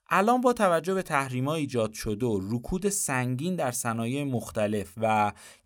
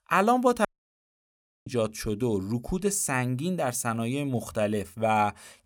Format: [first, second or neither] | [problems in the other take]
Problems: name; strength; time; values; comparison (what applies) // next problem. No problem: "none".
first | audio cutting out; at 0.5 s for 1 s